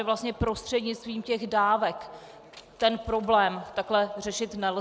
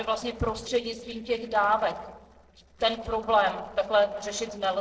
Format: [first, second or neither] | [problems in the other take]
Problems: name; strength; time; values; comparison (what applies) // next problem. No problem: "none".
first | noise reduction (neural separator model SepFormer DNS4)